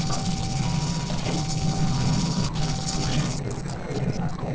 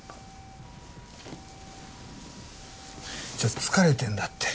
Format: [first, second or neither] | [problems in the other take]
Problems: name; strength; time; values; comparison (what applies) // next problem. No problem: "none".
second | noise reduction (neural separator model SepFormer DNS4)